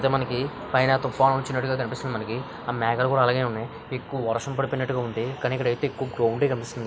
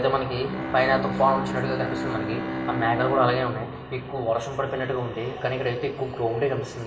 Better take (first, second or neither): first